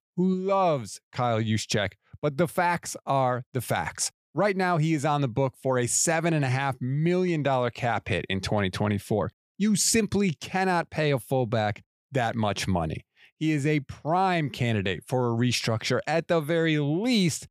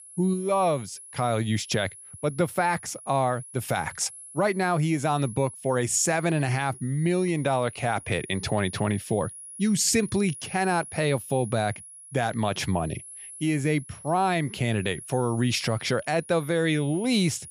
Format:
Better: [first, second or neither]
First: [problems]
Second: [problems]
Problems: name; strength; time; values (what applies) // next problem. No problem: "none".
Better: first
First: none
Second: high-pitched whine; noticeable; throughout; 10.5 kHz, 15 dB below the speech